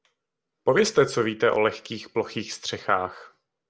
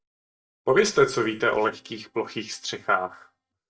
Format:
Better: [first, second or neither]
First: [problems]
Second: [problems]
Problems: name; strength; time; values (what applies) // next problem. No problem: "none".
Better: first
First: none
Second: noise reduction (neural mask model DeepFilterNet 3)